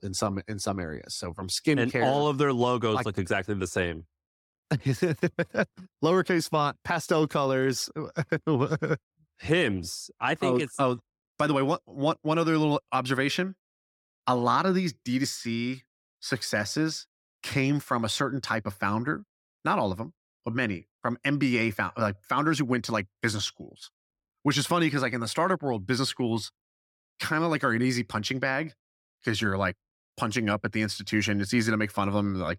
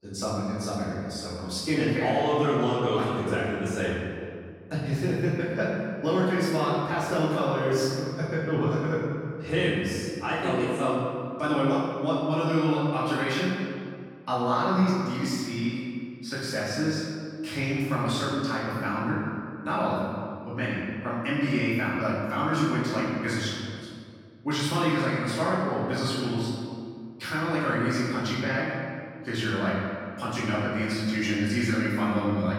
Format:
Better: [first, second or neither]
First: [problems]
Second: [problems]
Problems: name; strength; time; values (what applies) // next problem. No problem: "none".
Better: first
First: none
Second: off-mic speech; far // room echo; strong; dies away in 1.9 s